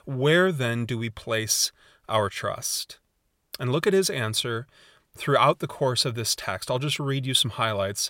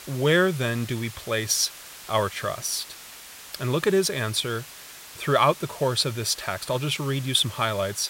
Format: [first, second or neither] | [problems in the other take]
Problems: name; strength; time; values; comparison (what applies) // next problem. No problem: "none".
first | hiss; noticeable; throughout; 15 dB below the speech